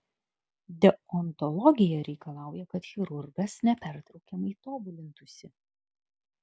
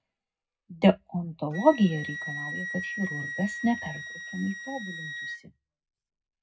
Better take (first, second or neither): first